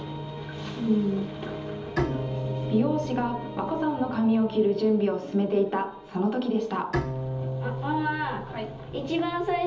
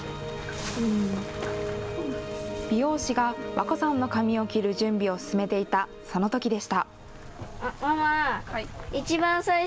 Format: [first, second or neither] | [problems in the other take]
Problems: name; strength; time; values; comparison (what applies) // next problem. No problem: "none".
second | background sound (Bowed string instrument); 8 dB below the speech // room echo; dies away in 1.2 s